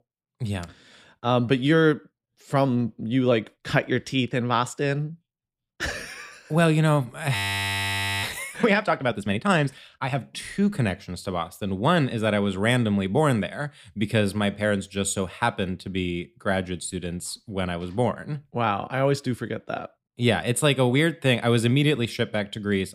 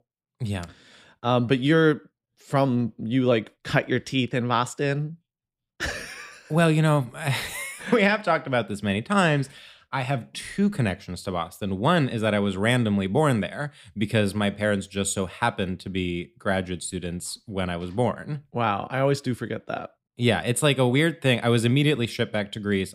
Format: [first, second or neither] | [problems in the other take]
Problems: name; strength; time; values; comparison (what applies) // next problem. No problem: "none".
second | audio freezing; at 7.5 s for 1 s